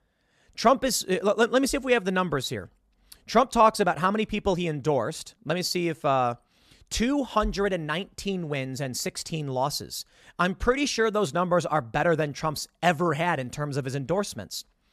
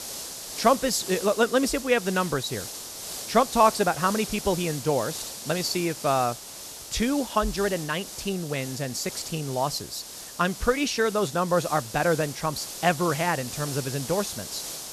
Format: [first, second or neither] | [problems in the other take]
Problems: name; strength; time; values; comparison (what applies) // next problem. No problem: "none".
first | hiss; loud; throughout; 9 dB below the speech